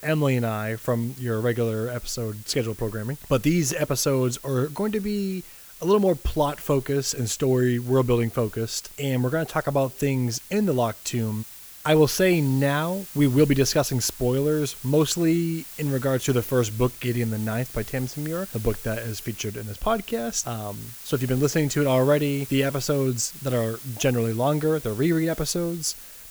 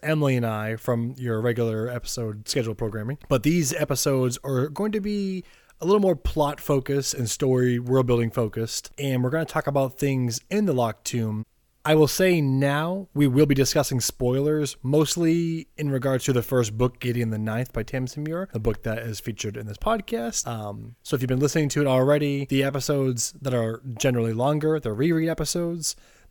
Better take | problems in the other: second | hiss; noticeable; throughout; 15 dB below the speech

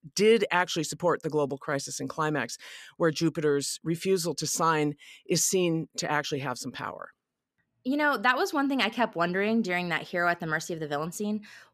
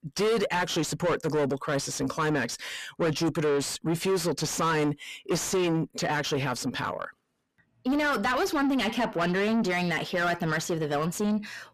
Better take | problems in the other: first | distortion; heavy; 6 dB below the speech

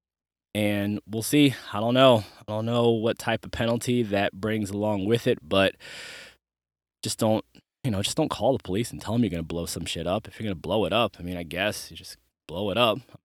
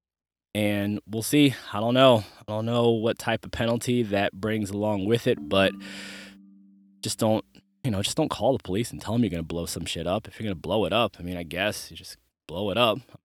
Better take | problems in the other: first | phone ringing; faint; from 5.5 to 6.5 s; peak 15 dB below the speech

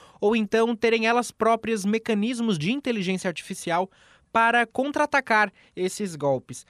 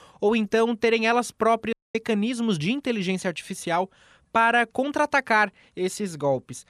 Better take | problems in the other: first | audio cutting out; at 1.5 s

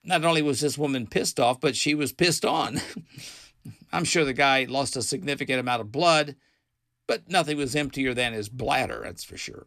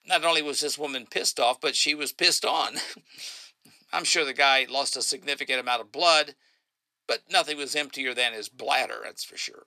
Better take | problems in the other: first | thin; somewhat; fading below 550 Hz

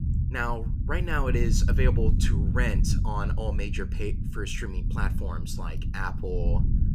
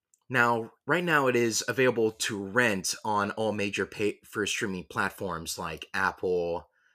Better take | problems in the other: second | low rumble; loud; throughout; 9 dB below the speech

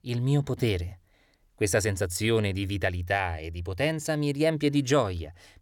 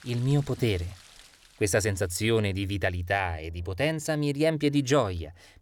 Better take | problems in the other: first | rain or running water; faint; throughout; 25 dB below the speech

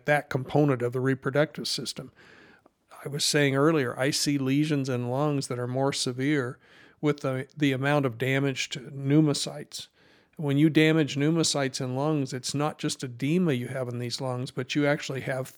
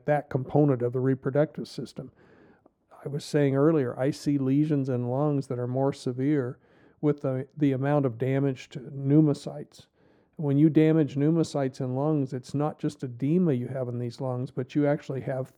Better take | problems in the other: first | muffled; slightly; fading above 1.5 kHz

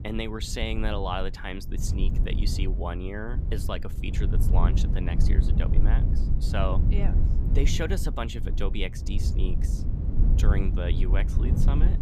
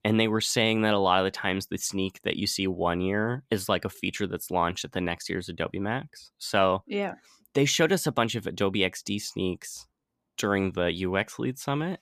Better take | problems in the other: second | low rumble; loud; throughout; 7 dB below the speech

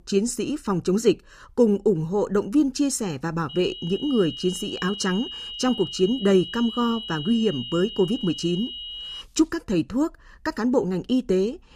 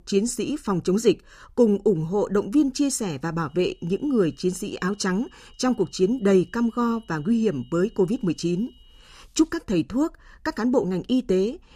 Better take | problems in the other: second | high-pitched whine; loud; from 3.5 to 9 s; 3 kHz, 9 dB below the speech; faint in the second

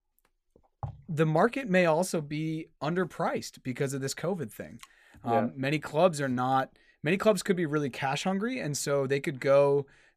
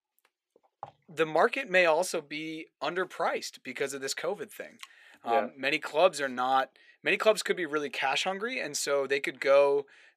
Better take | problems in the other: first | thin; somewhat; fading below 450 Hz

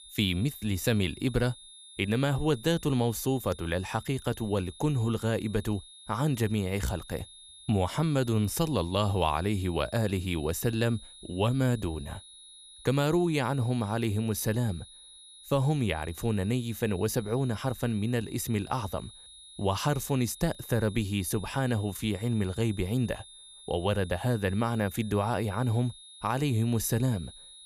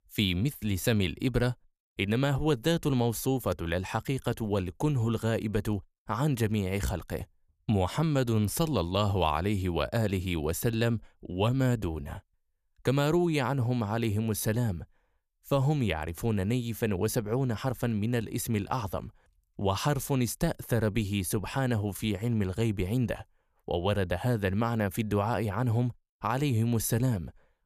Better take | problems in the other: second | high-pitched whine; noticeable; throughout; 3.5 kHz, 20 dB below the speech

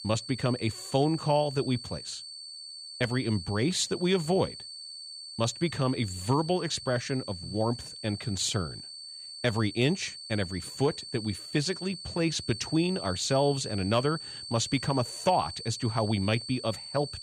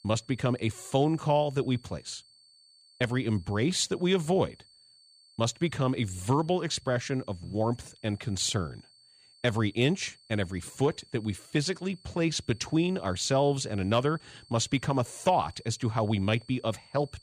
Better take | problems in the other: second | high-pitched whine; loud; throughout; 4.5 kHz, 10 dB below the speech; faint in the second

